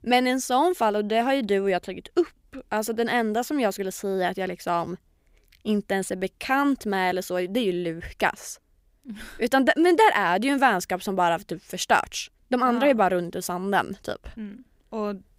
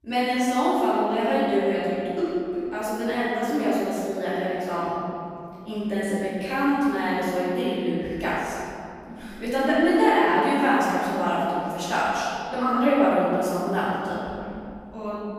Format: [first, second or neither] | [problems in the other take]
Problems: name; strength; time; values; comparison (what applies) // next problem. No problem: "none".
first | off-mic speech; far // room echo; strong; dies away in 2.4 s